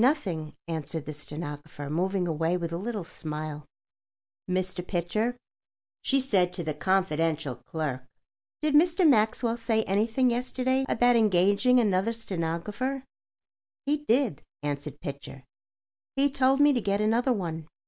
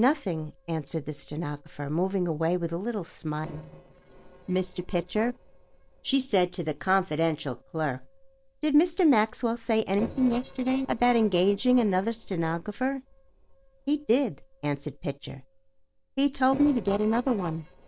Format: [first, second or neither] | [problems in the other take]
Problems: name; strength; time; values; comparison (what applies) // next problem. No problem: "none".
first | noise reduction (neural separator model SepFormer DNS4)